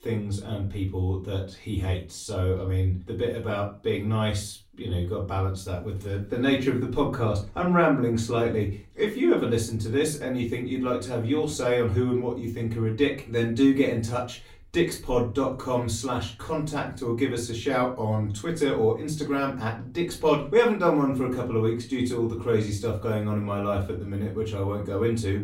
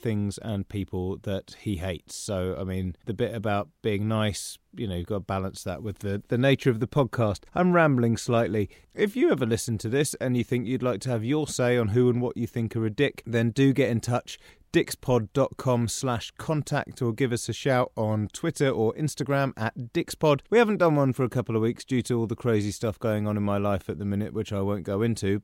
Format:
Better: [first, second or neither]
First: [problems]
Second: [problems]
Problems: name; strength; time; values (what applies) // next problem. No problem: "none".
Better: second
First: off-mic speech; far // room echo; slight; dies away in 0.3 s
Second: none